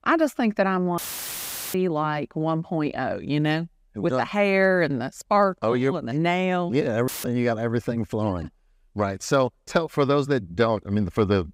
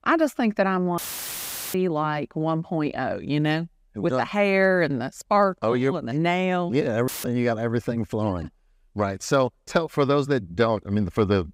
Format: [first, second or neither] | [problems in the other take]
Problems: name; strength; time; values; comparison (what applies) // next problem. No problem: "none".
neither | audio cutting out; filled with static; at 1 s for 1 s and at 7 s; the same in both